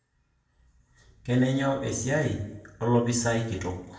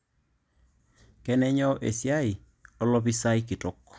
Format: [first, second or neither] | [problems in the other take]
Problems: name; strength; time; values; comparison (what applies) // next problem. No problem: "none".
second | room echo; dies away in 0.6 s